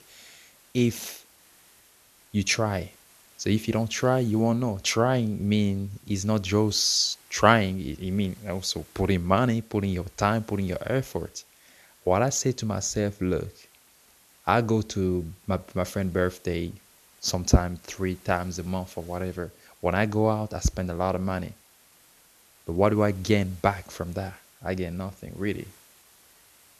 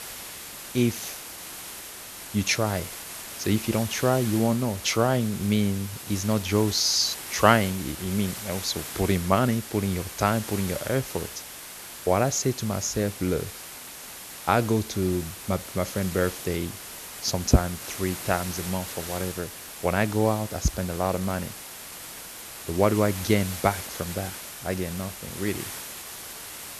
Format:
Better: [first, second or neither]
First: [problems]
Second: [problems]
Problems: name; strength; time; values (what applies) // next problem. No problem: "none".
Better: first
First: hiss; faint; throughout; 25 dB below the speech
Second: hiss; loud; throughout; 10 dB below the speech